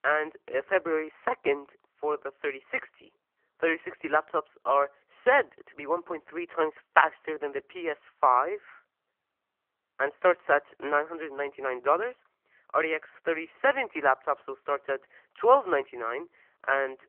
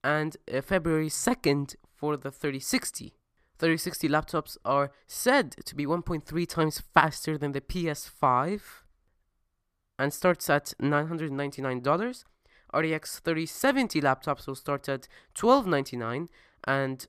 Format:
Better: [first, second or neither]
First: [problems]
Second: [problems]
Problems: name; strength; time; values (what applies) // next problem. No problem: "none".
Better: second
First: phone-call audio; poor line; nothing above 3 kHz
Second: none